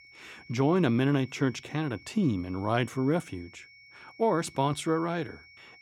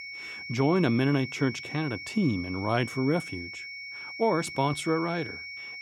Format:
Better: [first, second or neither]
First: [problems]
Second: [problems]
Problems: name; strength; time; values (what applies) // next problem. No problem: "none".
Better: first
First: high-pitched whine; faint; throughout; 2 kHz, 25 dB below the speech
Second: high-pitched whine; loud; throughout; 2 kHz, 10 dB below the speech